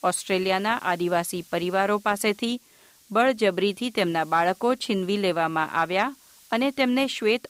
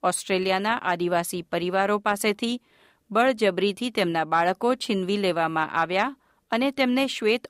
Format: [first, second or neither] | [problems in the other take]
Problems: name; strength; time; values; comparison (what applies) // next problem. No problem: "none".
second | hiss; faint; throughout; 25 dB below the speech